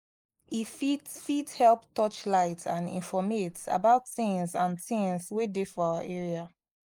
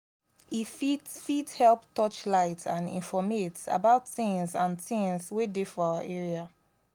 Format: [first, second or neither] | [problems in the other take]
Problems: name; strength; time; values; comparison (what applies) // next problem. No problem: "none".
second | noise reduction (neural mask model Resemble Enhance denoiser)